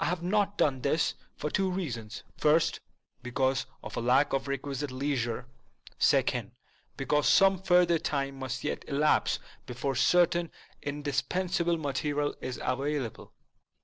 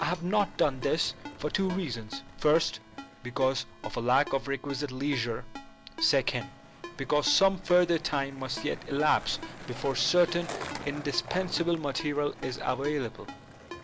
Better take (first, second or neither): first